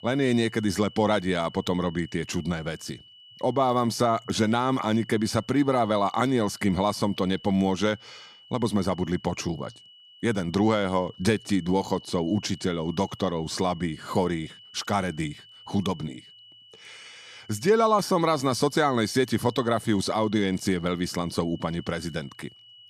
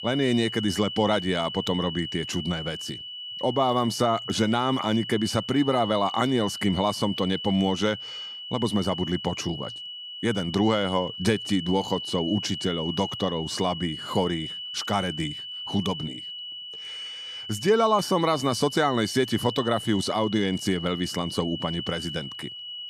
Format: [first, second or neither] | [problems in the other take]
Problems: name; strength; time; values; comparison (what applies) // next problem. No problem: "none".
first | high-pitched whine; loud; throughout; 3 kHz, 8 dB below the speech; faint in the first